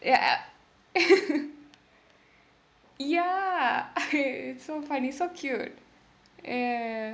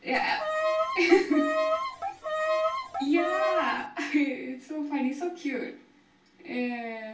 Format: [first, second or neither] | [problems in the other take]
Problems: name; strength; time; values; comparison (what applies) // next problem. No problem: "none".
first | background sound (Bowed string instrument); 1 dB above the speech // room echo; dies away in 0.2 s